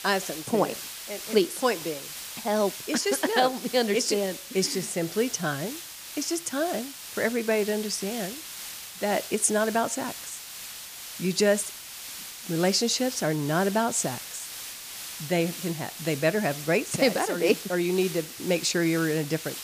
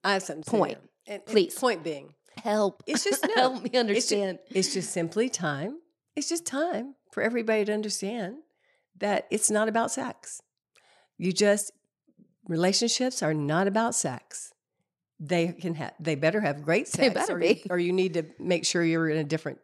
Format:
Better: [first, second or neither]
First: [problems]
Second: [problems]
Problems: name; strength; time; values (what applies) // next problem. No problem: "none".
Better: second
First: hiss; noticeable; throughout; 10 dB below the speech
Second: none